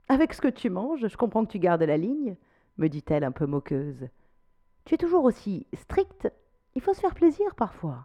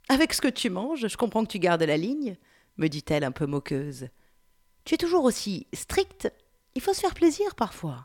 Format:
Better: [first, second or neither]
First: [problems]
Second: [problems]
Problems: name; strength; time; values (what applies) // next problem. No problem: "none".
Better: second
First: muffled; very; fading above 2.5 kHz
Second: none